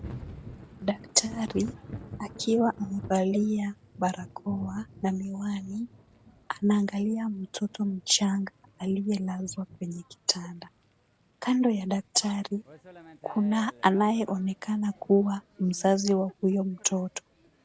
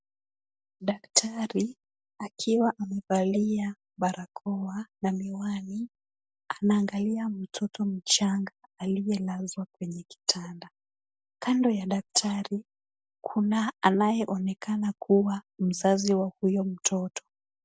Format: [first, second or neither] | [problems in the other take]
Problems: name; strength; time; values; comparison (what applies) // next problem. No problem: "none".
second | background sound (Thunder / Rain); 19 dB below the speech